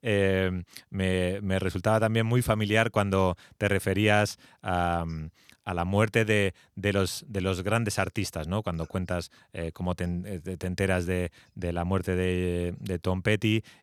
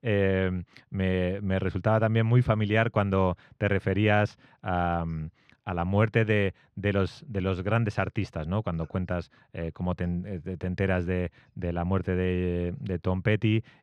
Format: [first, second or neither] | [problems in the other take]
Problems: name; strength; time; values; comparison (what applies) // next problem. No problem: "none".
first | muffled; slightly; fading above 2.5 kHz